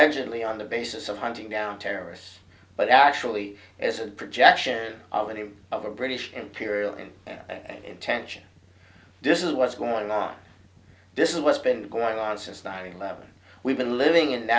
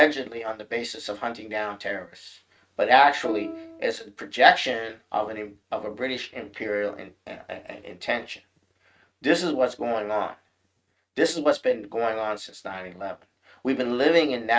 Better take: first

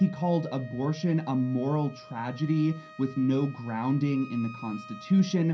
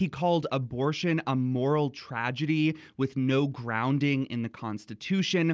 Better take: second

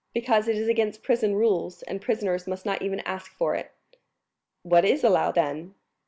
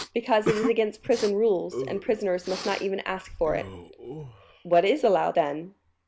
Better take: first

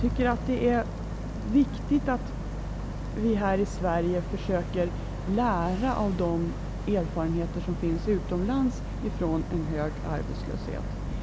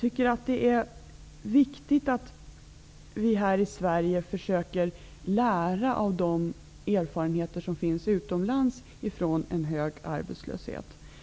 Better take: second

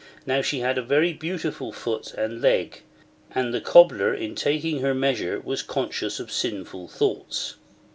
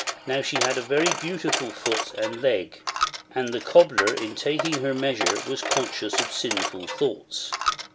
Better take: first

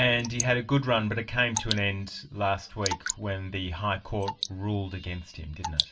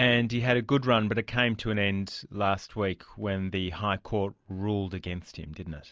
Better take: second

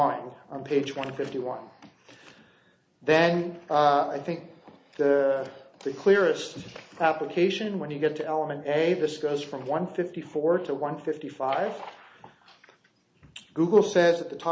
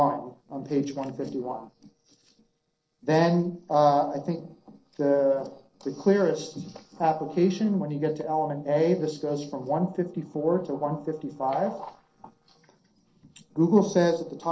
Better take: first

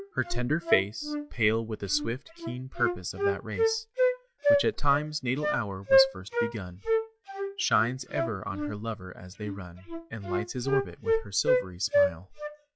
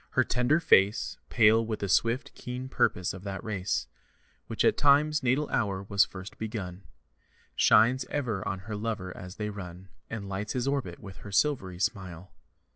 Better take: second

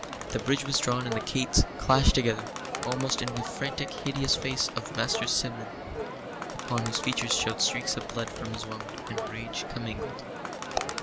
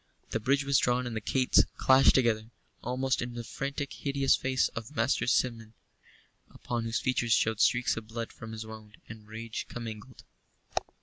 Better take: second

